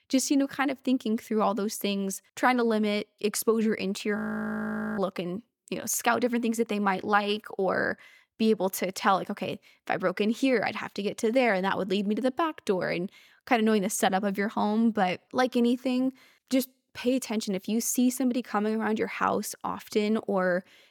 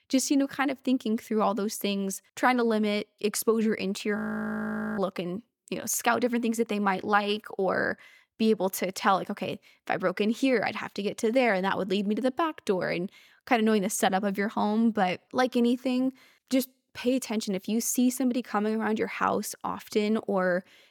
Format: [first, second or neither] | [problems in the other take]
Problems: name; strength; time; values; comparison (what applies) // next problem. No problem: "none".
neither | audio freezing; at 4 s for 1 s; the same in both